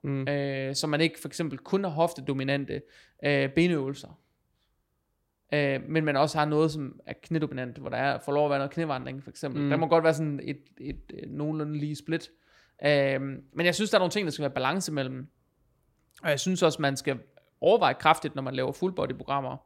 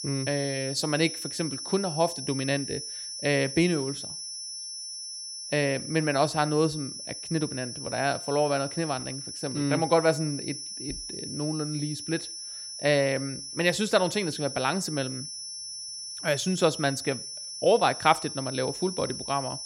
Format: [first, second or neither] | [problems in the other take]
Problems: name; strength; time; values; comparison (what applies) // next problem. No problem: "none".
first | high-pitched whine; loud; throughout; 5.5 kHz, 7 dB below the speech